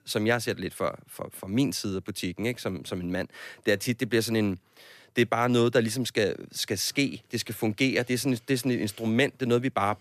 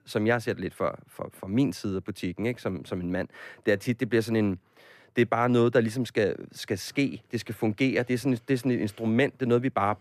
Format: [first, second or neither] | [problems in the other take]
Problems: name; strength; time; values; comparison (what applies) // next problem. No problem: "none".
first | muffled; slightly; fading above 2.5 kHz